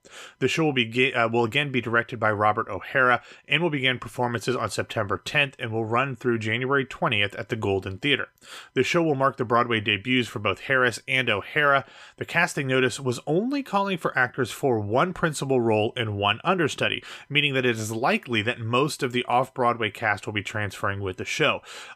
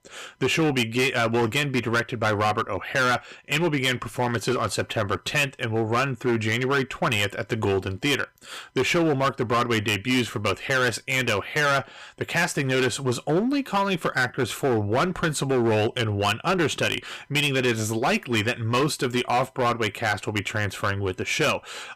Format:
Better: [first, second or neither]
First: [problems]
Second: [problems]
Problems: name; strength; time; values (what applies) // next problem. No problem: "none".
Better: first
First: none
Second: distortion; heavy; 12% of the sound clipped